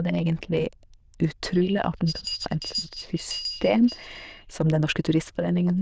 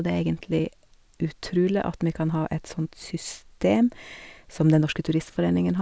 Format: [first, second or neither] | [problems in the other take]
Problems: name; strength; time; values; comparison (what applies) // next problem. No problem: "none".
second | noise reduction (neural diffusion model UNIVERSE++)